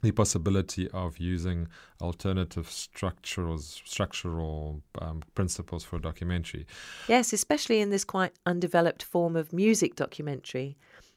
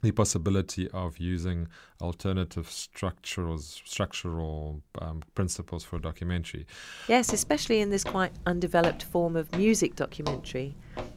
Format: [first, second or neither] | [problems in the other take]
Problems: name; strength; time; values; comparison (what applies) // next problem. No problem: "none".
first | footsteps; noticeable; from 7.5 s on; peak 5 dB below the speech